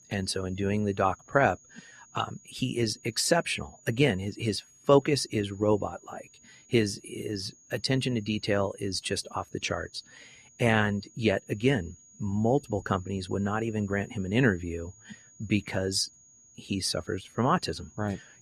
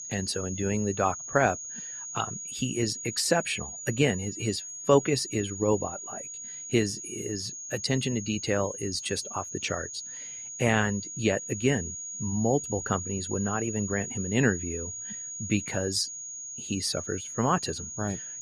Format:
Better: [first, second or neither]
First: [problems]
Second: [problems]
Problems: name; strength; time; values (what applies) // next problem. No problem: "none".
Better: first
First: high-pitched whine; faint; throughout; 6.5 kHz, 25 dB below the speech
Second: high-pitched whine; loud; throughout; 6.5 kHz, 7 dB below the speech